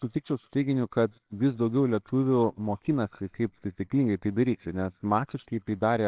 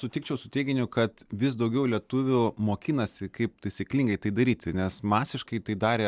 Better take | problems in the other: second | noise reduction (neural separator model SepFormer WHAMR!)

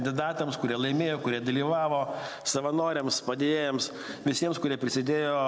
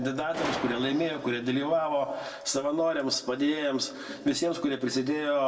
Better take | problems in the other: first | background sound (Gunshot, gunfire); 15 dB below the speech // room echo; dies away in 0.2 s

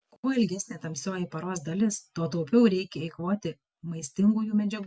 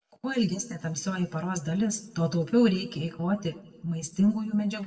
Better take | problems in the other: first | room echo; dies away in 1.2 s

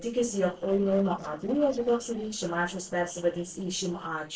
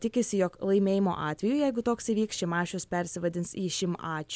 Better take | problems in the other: second | noise reduction (neural separator model SepFormer DNS4)

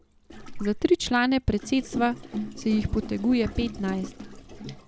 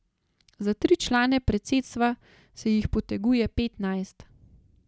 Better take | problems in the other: second | background sound (Gurgling); 11 dB below the speech

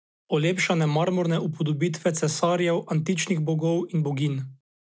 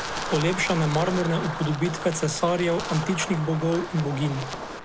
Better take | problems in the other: first | background sound (Wind); 7 dB below the speech

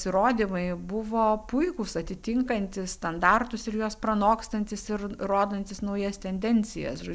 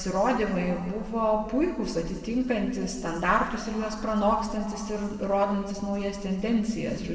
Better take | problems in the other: first | room echo; dies away in 1.8 s

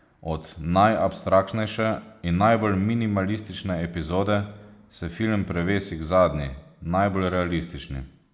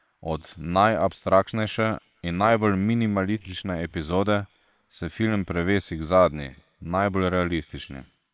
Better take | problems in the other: first | noise reduction (neural separator model SepFormer WHAM!)

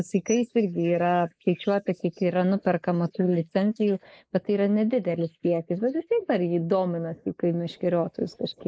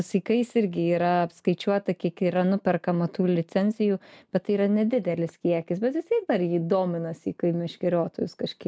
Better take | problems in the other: second | noise reduction (neural mask model Resemble Enhance denoiser)

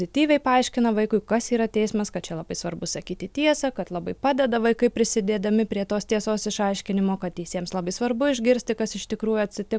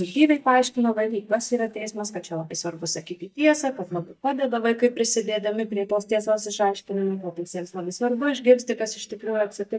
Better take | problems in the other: first | noise reduction (neural mask model DeepFilterNet 3)

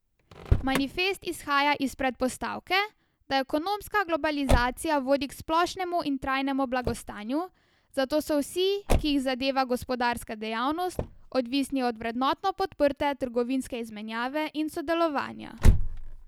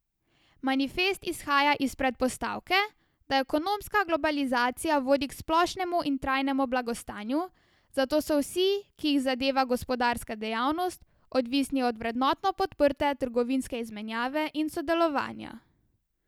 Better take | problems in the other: second | background sound (Motor vehicle (road)); 4 dB below the speech

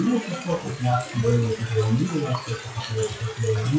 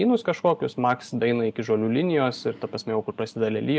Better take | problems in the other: second | noise reduction (classical method WPE with log-MMSE)

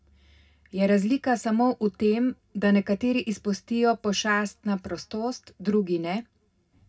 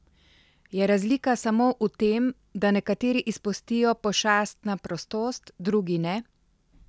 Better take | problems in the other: second | room echo; dies away in 0.2 s

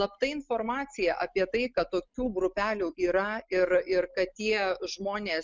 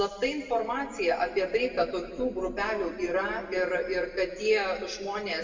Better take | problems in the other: first | room echo; dies away in 1.9 s

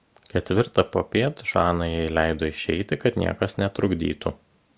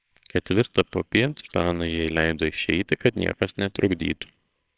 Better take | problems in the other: first | noise reduction (neural separator model SepFormer WHAMR!)

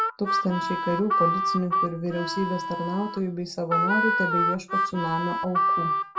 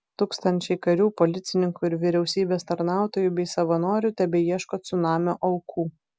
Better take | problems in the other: second | background sound (Harmonica); 2 dB above the speech // room echo; dies away in 0.2 s

